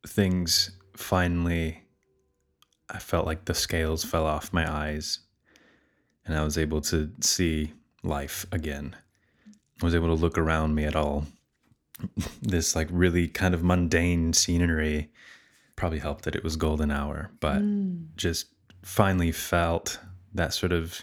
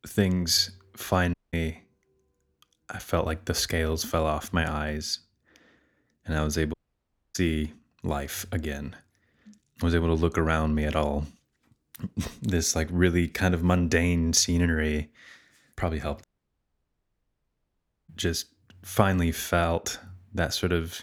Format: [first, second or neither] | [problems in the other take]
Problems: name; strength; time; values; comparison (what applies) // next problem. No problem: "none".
first | audio cutting out; at 1.5 s, at 6.5 s for 0.5 s and at 16 s for 2 s